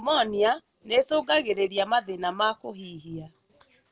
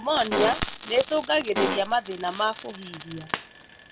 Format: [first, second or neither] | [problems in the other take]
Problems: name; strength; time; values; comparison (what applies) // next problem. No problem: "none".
first | background sound (Frying (food) + Fart); 6 dB below the speech